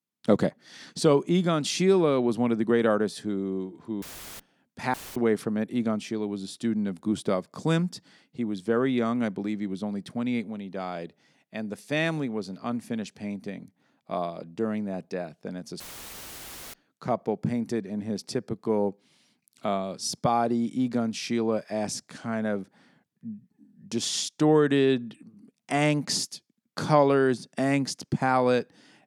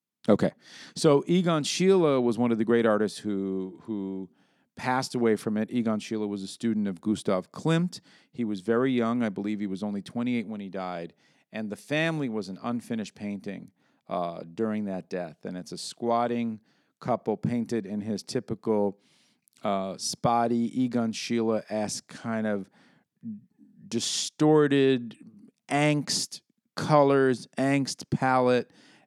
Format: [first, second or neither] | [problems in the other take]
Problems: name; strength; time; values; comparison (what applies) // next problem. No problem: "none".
second | audio cutting out; filled with static; at 4 s, at 5 s and at 16 s for 1 s